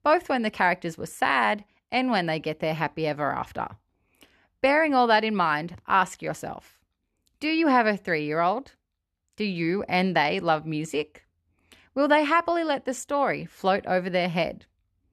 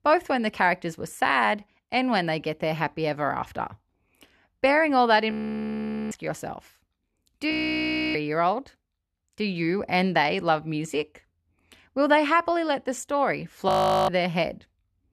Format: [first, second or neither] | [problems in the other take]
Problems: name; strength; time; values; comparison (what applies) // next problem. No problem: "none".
first | audio freezing; at 5.5 s for 1 s, at 7.5 s for 0.5 s and at 14 s